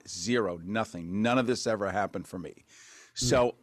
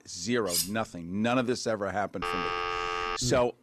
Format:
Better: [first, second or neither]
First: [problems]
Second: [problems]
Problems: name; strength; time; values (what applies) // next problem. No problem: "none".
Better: first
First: none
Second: clattering dishes; loud; at 0.5 s; peak 1 dB above the speech // phone ringing; noticeable; at 2 s; peak level with the speech